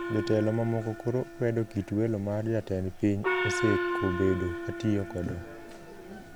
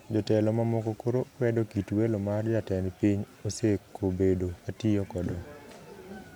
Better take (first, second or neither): second